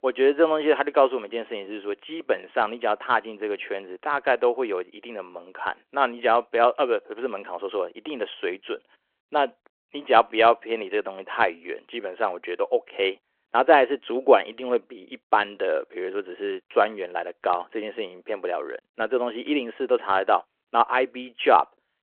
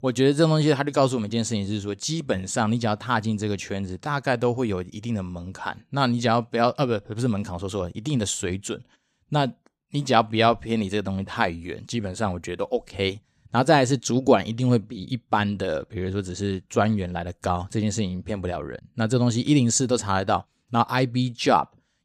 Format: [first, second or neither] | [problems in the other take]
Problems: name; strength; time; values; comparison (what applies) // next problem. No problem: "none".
second | phone-call audio